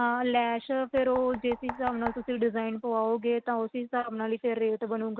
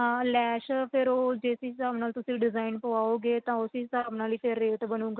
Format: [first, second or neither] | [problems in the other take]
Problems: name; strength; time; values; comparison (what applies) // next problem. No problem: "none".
second | background sound (Knock); 14 dB below the speech